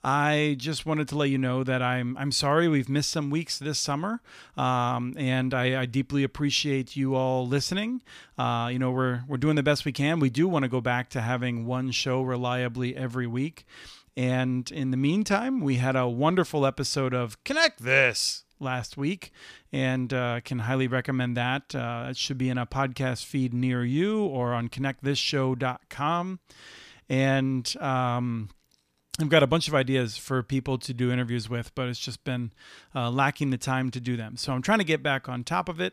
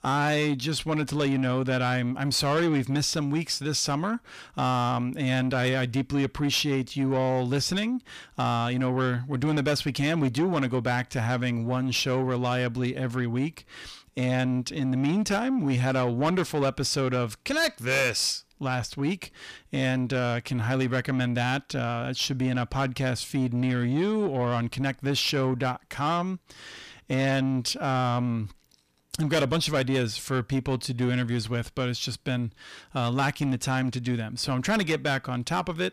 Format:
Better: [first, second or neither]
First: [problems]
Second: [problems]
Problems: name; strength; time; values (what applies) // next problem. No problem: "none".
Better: first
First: none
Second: distortion; slight; 10 dB below the speech